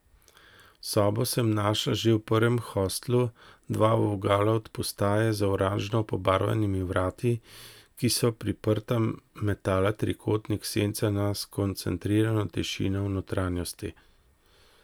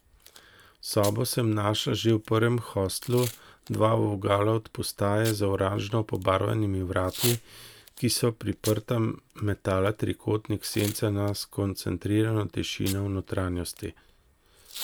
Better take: first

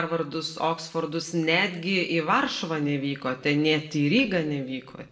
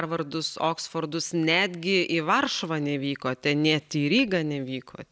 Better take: second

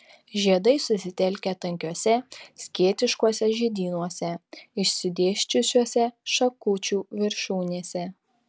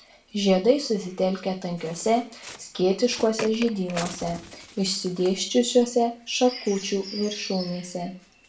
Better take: first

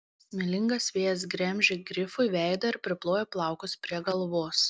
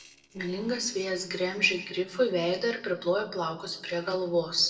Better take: first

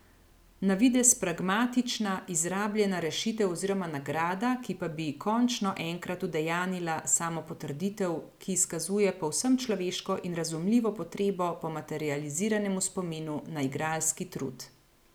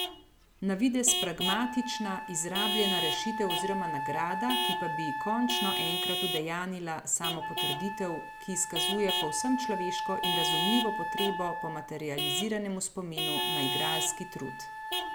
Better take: first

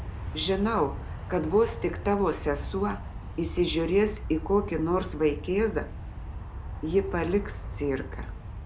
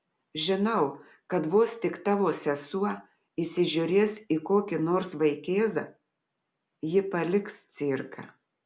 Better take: second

